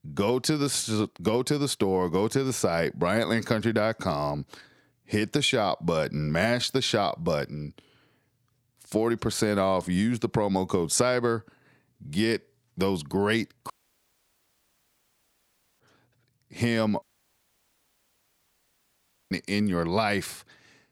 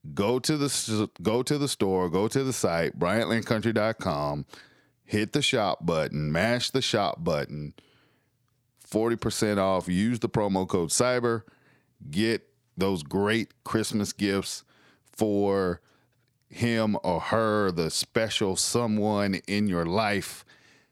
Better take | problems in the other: second | audio cutting out; at 14 s for 2 s and at 17 s for 2.5 s

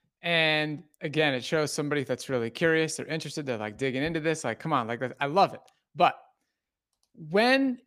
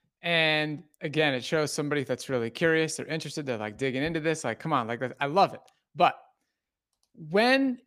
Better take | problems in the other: neither | none

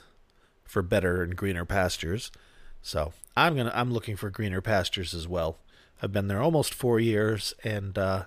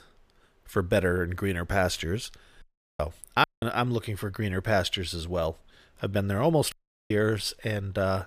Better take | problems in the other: first | audio cutting out; at 2.5 s, at 3.5 s and at 6.5 s

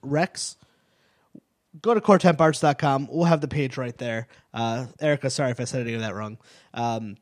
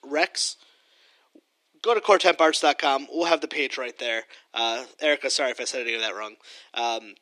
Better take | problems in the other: first | thin; very; fading below 300 Hz

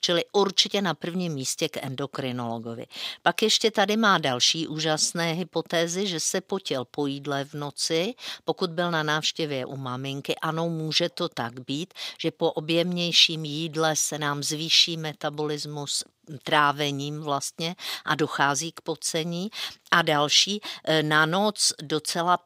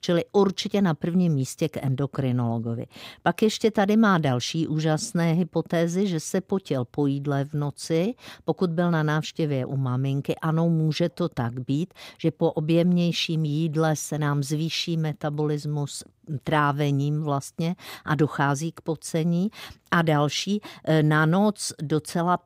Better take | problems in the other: second | thin; somewhat; fading below 1 kHz

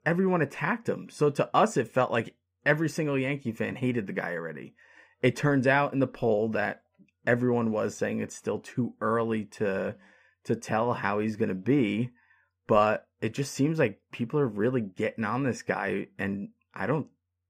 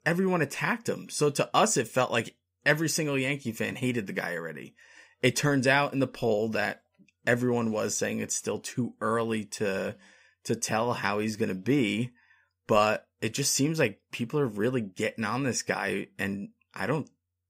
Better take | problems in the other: second | muffled; slightly; fading above 3 kHz

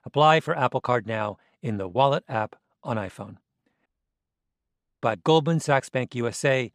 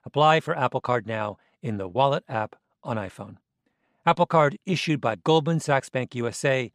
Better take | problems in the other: second | audio cutting out; at 4 s for 1 s

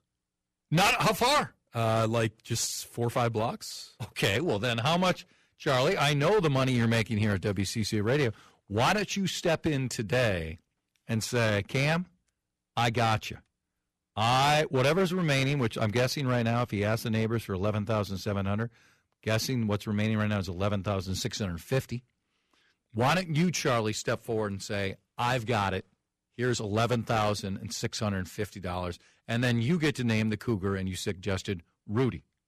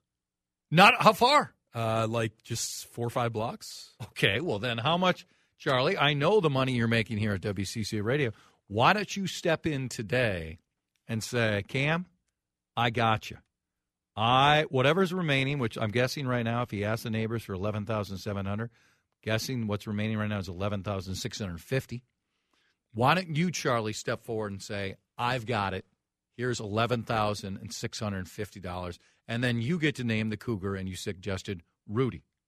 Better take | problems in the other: second | distortion; heavy; 7% of the sound clipped

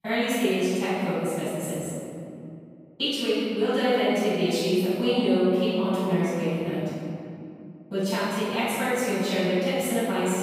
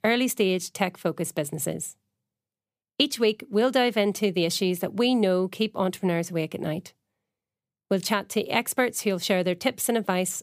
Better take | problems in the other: second | off-mic speech; far // room echo; strong; dies away in 2.5 s

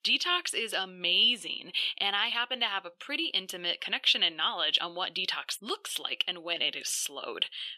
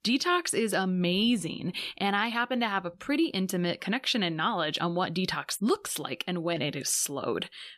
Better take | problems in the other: second | thin; somewhat; fading below 450 Hz

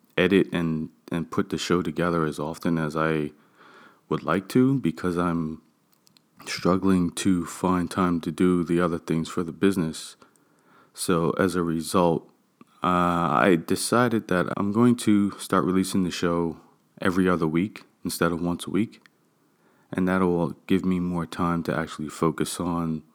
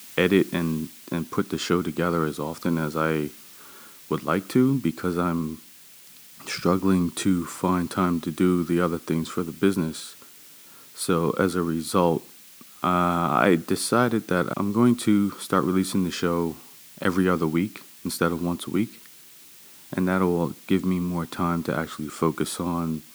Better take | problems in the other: first | hiss; noticeable; throughout; 20 dB below the speech

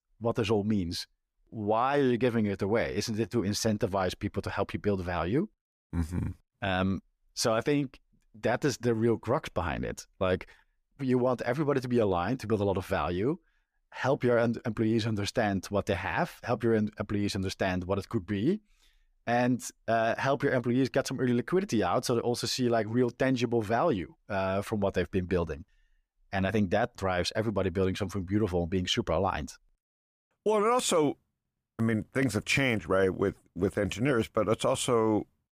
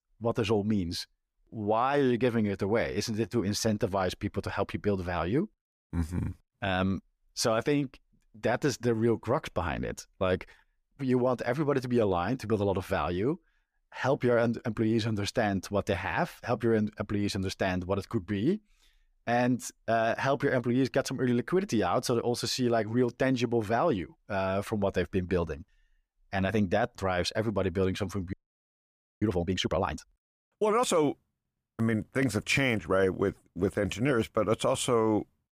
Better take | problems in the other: first | audio freezing; at 28 s for 1 s

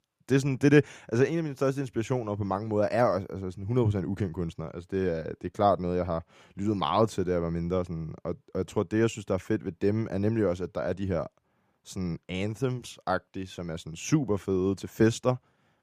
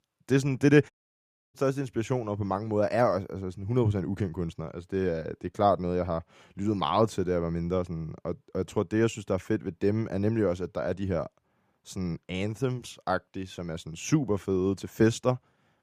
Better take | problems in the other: first | audio cutting out; at 1 s for 0.5 s

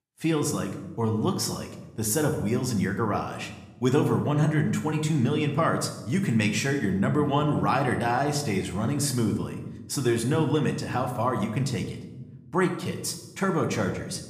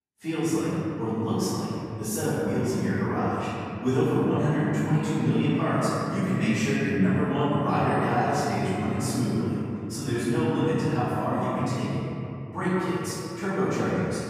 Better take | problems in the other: first | room echo; strong; dies away in 2.9 s; slight in the first // off-mic speech; far

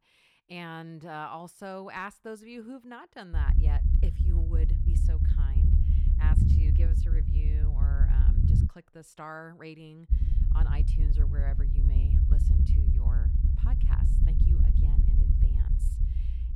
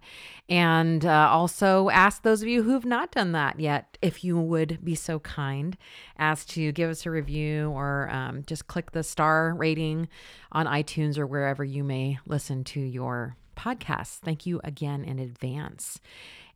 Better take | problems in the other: second | low rumble; loud; from 3.5 to 8.5 s and from 10 s on; 1 dB below the speech

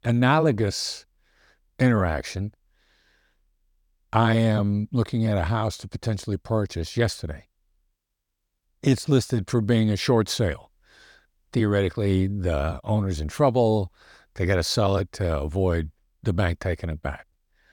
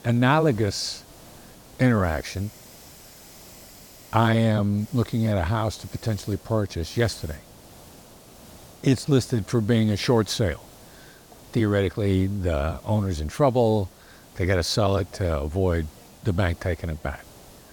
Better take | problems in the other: first | hiss; faint; throughout; 25 dB below the speech

